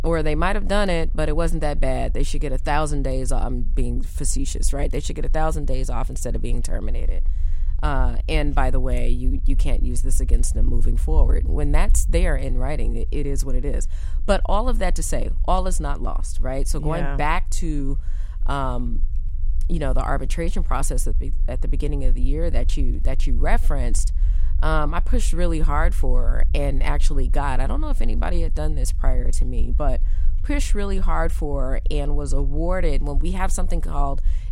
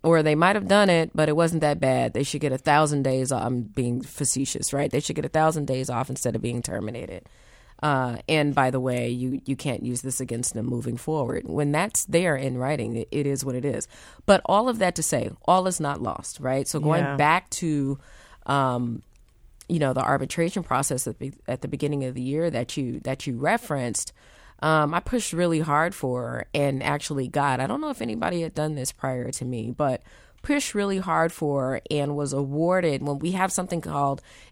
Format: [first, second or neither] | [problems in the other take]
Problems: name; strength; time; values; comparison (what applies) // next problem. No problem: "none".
second | low rumble; faint; throughout; 20 dB below the speech